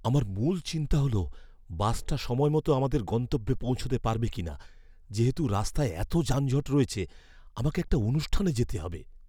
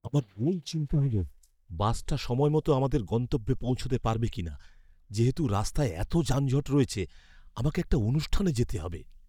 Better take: first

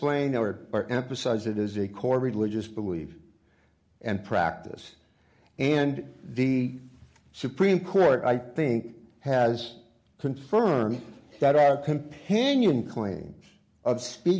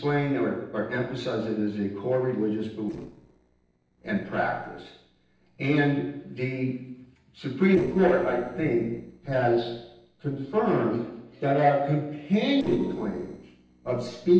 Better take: first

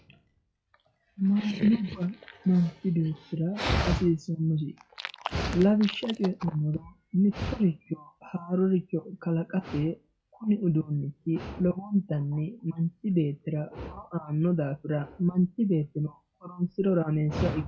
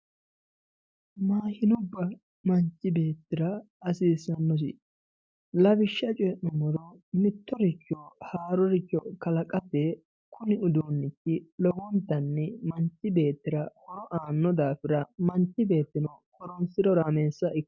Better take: second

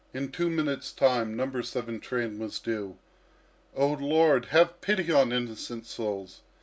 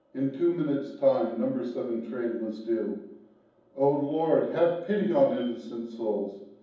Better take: first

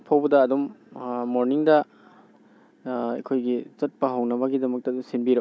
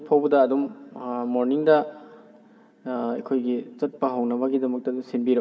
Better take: first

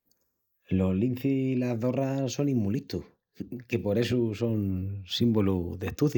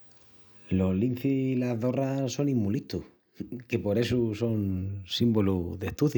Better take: second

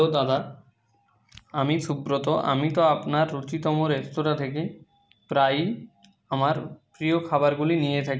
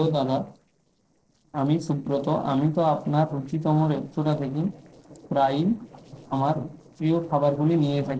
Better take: first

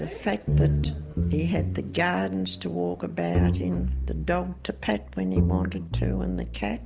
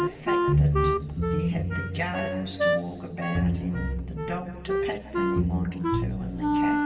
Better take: first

